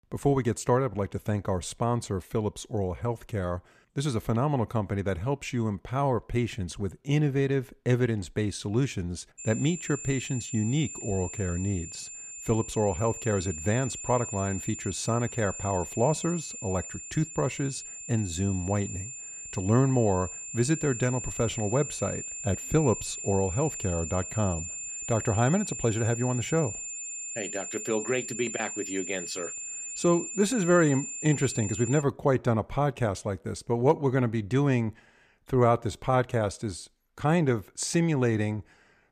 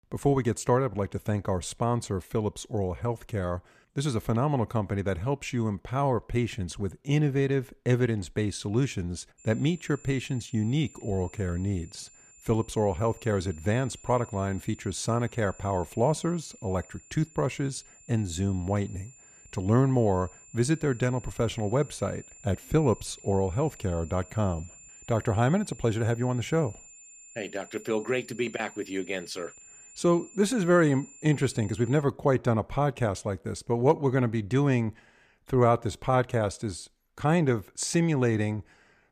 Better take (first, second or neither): second